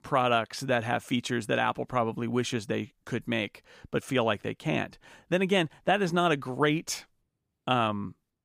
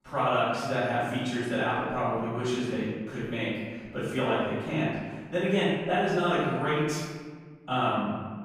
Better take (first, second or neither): first